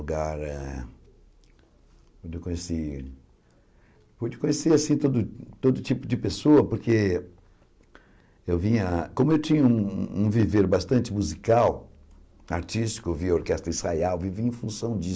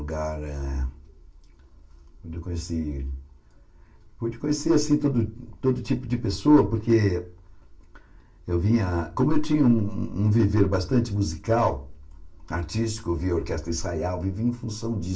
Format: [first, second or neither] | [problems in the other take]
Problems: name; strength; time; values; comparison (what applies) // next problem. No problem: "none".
first | room echo; dies away in 0.2 s